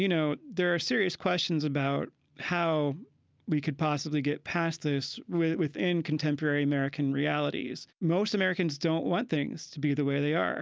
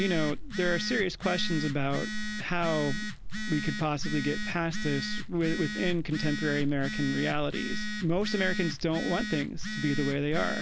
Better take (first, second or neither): first